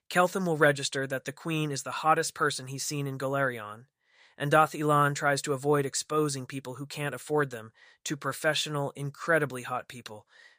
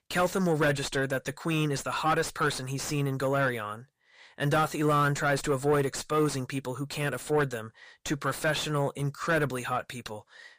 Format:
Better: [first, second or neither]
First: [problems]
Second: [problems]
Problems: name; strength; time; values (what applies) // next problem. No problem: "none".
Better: first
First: none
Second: distortion; heavy; 7 dB below the speech